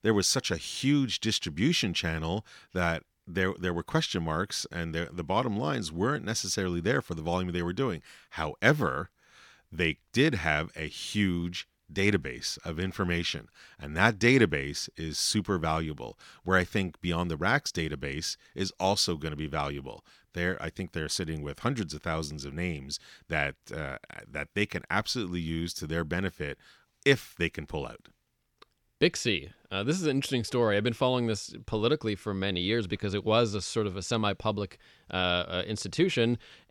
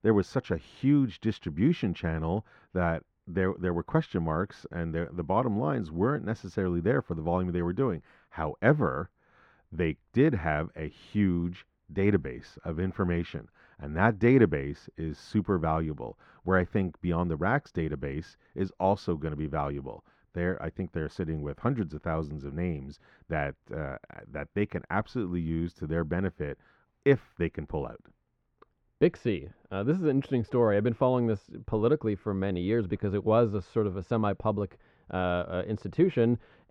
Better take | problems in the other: first | muffled; very; fading above 3 kHz

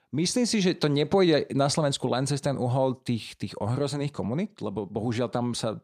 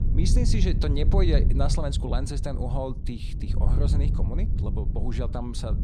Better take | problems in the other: first | wind noise on the microphone; heavy; 7 dB below the speech

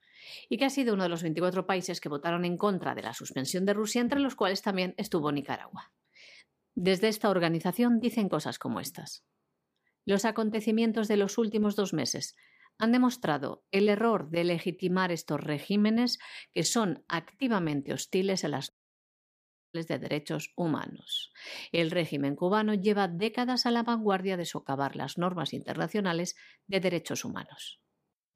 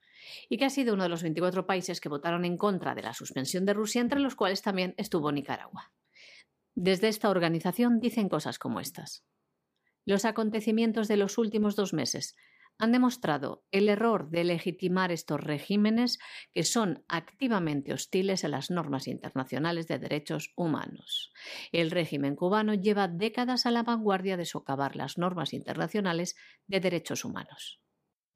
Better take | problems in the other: second | audio cutting out; at 19 s for 1 s

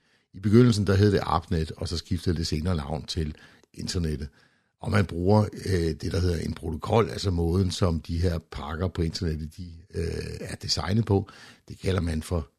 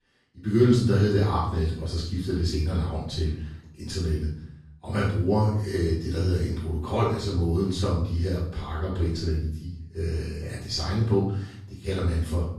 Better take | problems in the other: first | room echo; noticeable; dies away in 0.6 s // off-mic speech; far

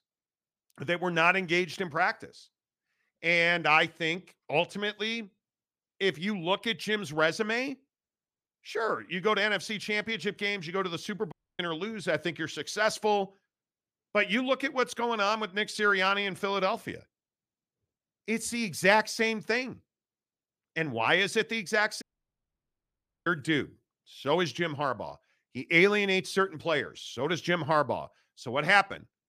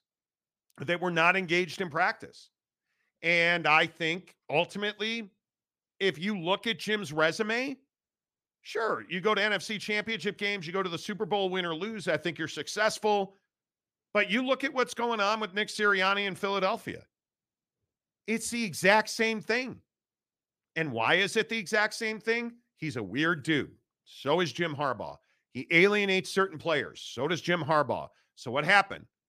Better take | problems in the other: second | audio cutting out; at 11 s and at 22 s for 1 s

